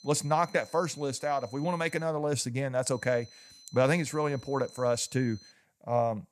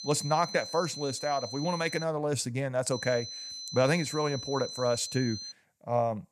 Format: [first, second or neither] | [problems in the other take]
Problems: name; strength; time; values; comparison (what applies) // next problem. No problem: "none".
first | high-pitched whine; loud; until 2 s and from 3 to 5.5 s; 4 kHz, 9 dB below the speech; faint in the first